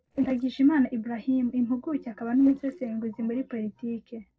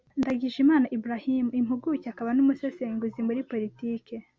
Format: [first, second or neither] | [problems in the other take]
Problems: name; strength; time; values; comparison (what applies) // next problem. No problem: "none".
second | noise reduction (neural separator model SepFormer DNS4)